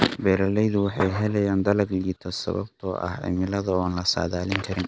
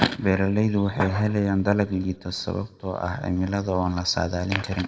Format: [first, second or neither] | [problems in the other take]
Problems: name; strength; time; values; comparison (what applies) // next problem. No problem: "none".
first | room echo; dies away in 0.4 s